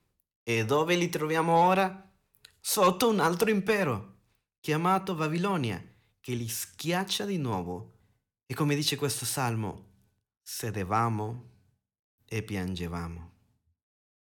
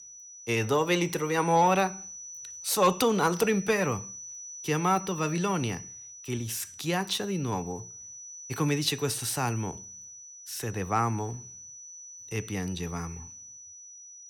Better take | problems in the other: first | high-pitched whine; noticeable; throughout; 6 kHz, 15 dB below the speech

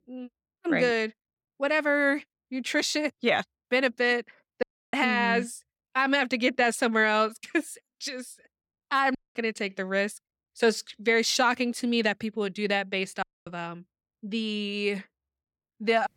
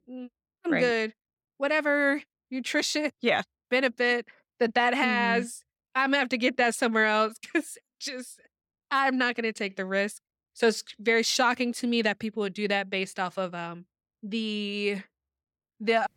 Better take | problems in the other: second | audio cutting out; at 4.5 s, at 9 s and at 13 s

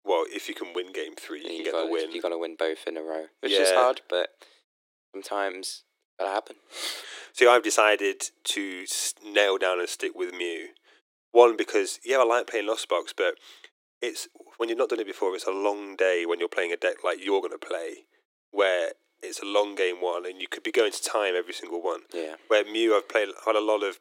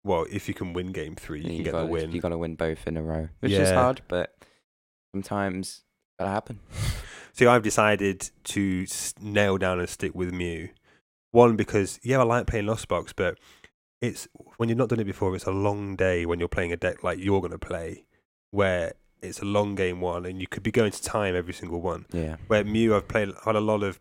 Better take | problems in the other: second | thin; very; fading below 300 Hz

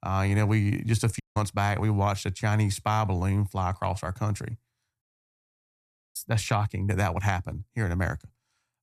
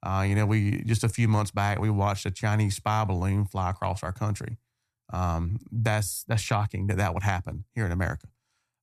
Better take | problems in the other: second | audio cutting out; at 1 s and at 5 s for 1 s

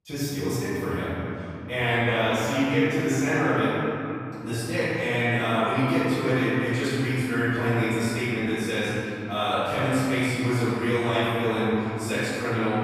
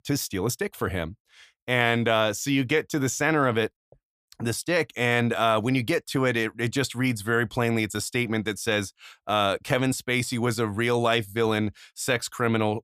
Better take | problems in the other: second | room echo; strong; dies away in 2.9 s // off-mic speech; far

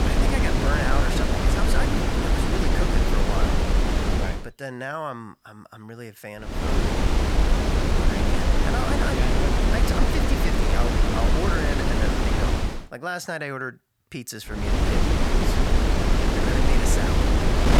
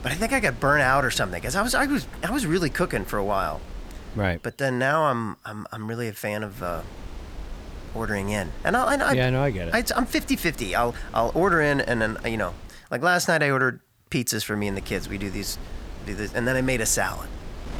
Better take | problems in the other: second | wind noise on the microphone; heavy; until 4.5 s, from 6.5 to 13 s and from 15 s on; 4 dB above the speech; occasional gusts in the second

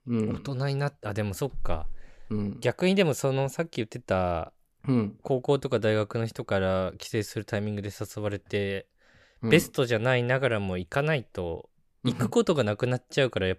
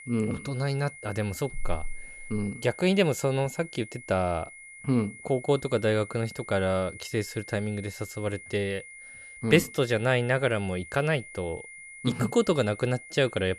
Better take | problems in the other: first | high-pitched whine; noticeable; throughout; 2 kHz, 15 dB below the speech

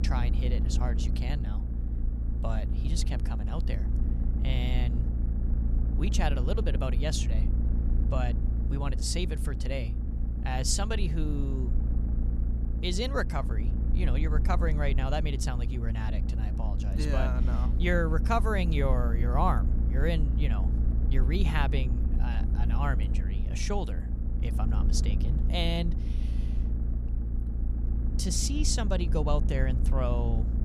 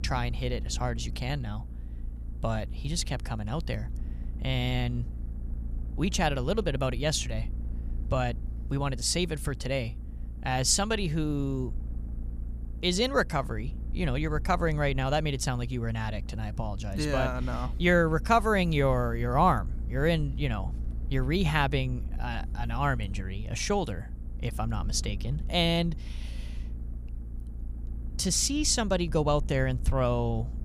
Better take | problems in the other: second | low rumble; loud; throughout; 10 dB below the speech; faint in the second

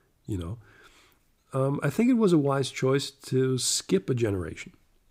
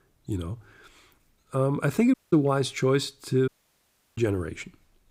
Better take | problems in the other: first | audio cutting out; at 2 s and at 3.5 s for 0.5 s

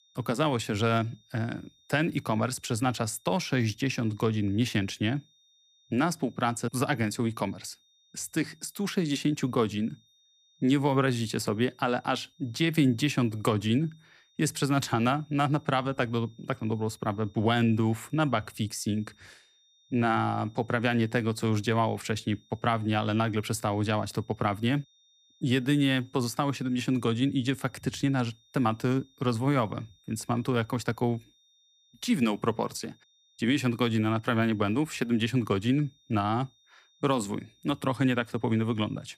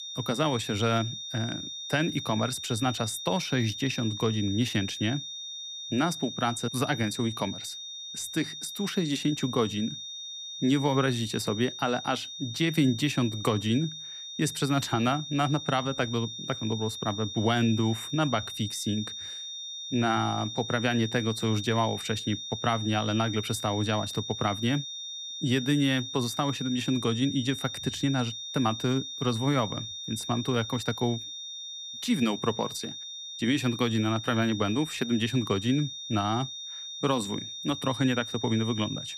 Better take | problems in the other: first | high-pitched whine; loud; throughout; 3.5 kHz, 7 dB below the speech; faint in the first

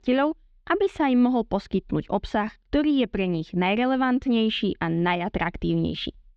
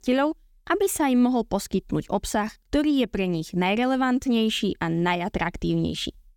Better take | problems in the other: second | muffled; slightly; fading above 4 kHz

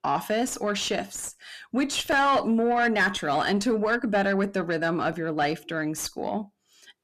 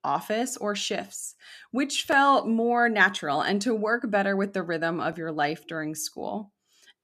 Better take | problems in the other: second | distortion; slight; 10 dB below the speech

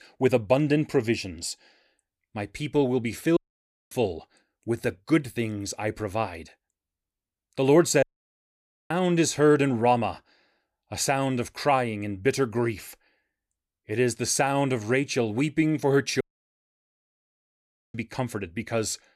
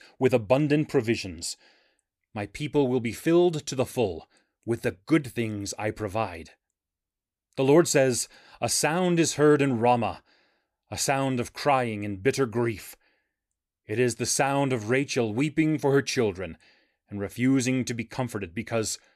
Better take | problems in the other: second | audio cutting out; at 3.5 s for 0.5 s, at 8 s for 1 s and at 16 s for 1.5 s

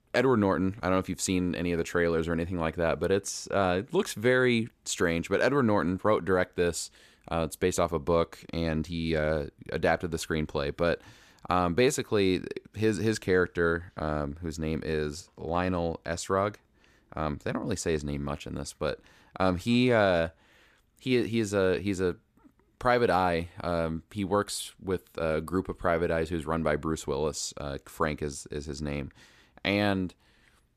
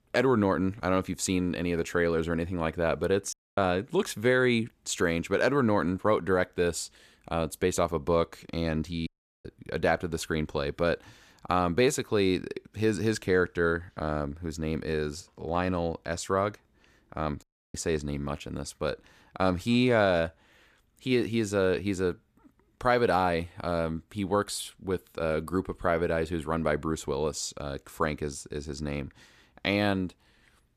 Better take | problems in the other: first | audio cutting out; at 3.5 s, at 9 s and at 17 s

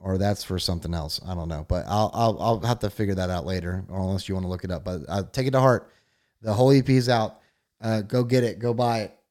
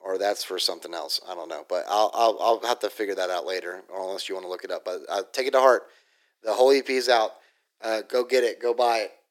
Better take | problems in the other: first | thin; very; fading below 350 Hz

